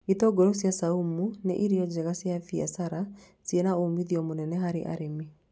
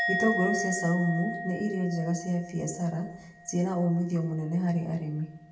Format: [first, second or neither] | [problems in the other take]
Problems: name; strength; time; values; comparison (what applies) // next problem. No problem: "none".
first | background sound (Musical instrument); 7 dB below the speech // room echo; dies away in 0.6 s